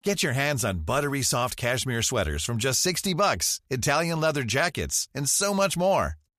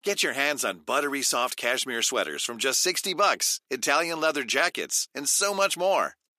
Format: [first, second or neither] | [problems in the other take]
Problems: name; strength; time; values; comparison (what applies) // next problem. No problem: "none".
first | thin; somewhat; fading below 300 Hz